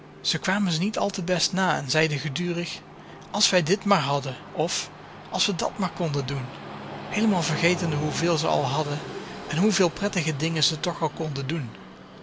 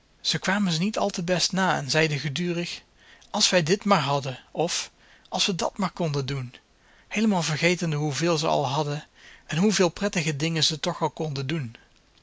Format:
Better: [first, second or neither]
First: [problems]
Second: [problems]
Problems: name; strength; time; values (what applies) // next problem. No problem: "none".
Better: second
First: background sound (Train); 13 dB below the speech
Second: none